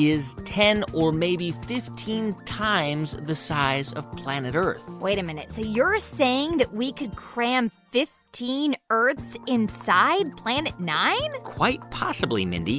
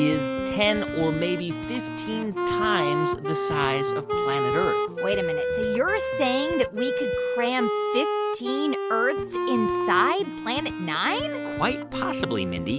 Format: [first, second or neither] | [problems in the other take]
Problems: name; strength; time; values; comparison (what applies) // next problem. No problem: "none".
first | background sound (Wind instrument, woodwind instrument); as loud as the speech